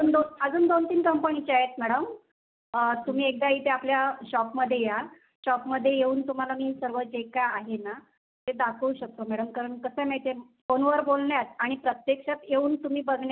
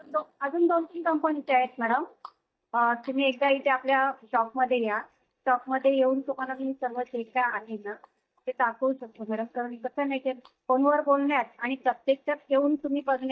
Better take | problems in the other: first | noise reduction (neural mask model DeepFilterNet 3)

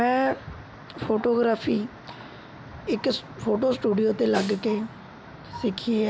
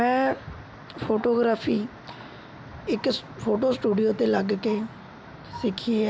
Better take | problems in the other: second | background sound (Snare drum); 14 dB below the speech

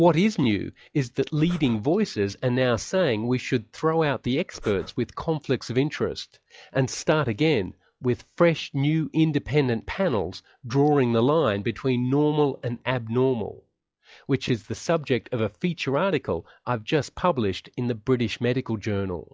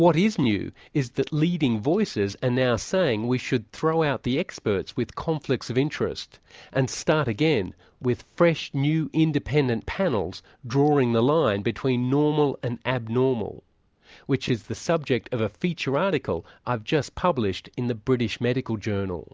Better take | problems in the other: second | noise reduction (classical method log-MMSE)

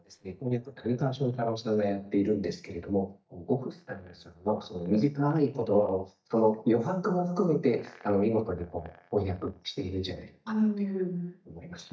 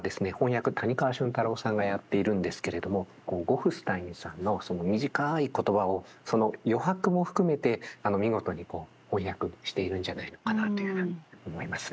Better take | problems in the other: second | noise reduction (neural mask model DeepFilterNet 3)

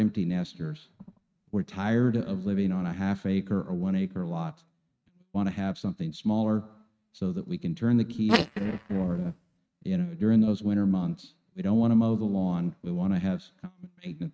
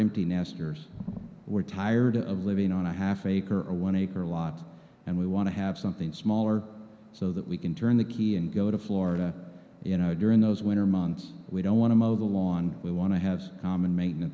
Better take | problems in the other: second | noise reduction (neural mask model RNNoise)

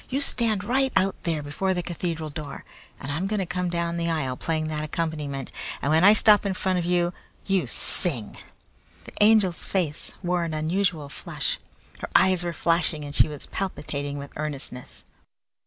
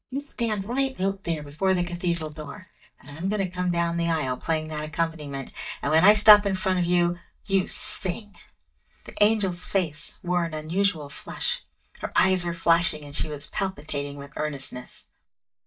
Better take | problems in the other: first | noise reduction (neural mask model DeepFilterNet 3)

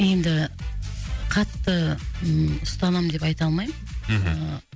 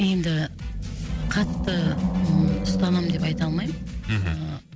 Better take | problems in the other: first | background sound (Animal); 2 dB below the speech

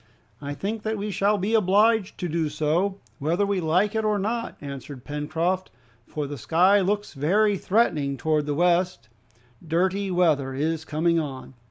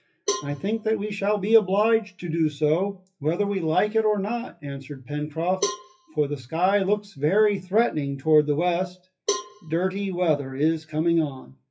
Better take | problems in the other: first | noise reduction (classical method WPE with log-MMSE)

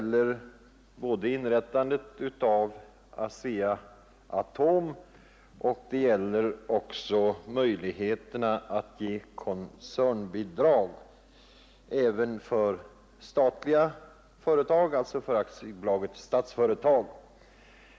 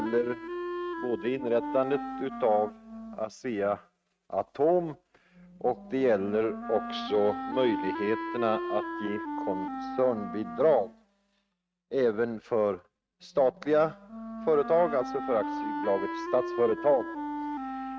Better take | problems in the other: first | noise reduction (neural mask model RNNoise)

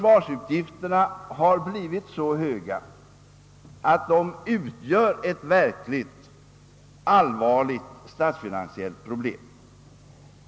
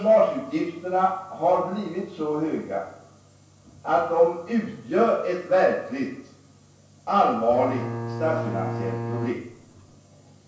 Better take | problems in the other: first | background sound (Bowed string instrument); 7 dB below the speech // room echo; dies away in 0.7 s

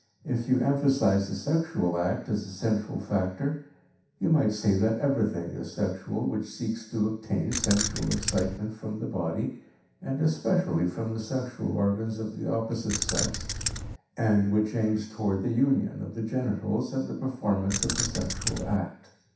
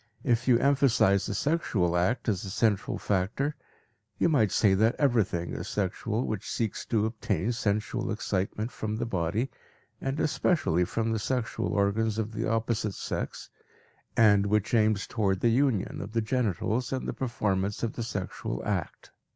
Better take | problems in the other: second | background sound (Keys jangling); 3 dB below the speech // room echo; dies away in 0.7 s

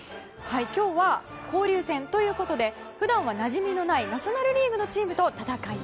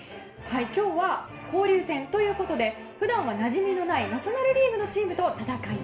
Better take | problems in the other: first | room echo; dies away in 0.4 s

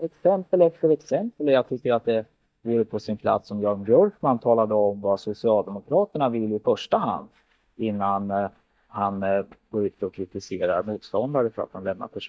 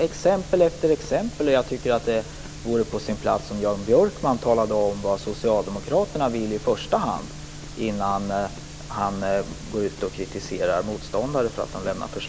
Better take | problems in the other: second | noise reduction (neural mask model DeepFilterNet 3)

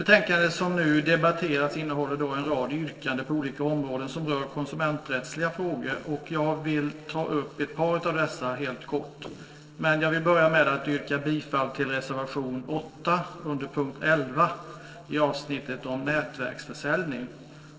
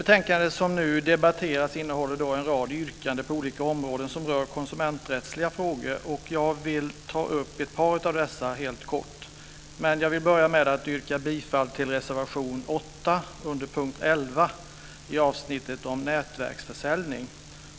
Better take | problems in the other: second | noise reduction (neural separator model SepFormer DNS4)

